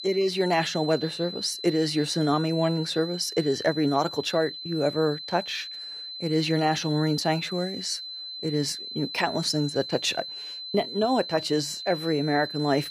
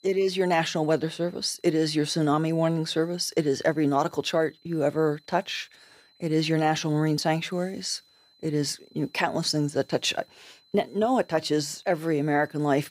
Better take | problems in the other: second | high-pitched whine; loud; throughout; 4 kHz, 8 dB below the speech; faint in the second

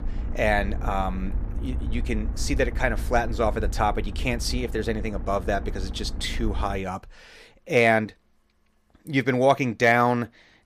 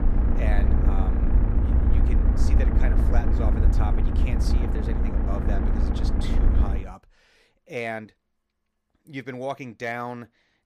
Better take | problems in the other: first | low rumble; loud; until 7 s; 1 dB below the speech; faint in the first

